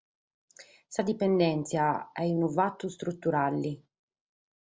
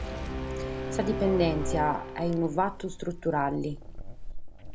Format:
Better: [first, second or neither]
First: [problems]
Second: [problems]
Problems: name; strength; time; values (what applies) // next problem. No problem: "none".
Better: first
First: none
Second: background sound (Brass instrument + Chewing, mastication); 4 dB below the speech